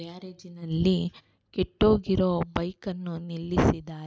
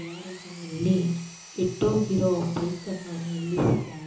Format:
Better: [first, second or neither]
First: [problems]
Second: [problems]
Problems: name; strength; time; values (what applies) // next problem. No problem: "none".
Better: first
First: none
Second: background sound (Engine); 19 dB below the speech // room echo; dies away in 0.6 s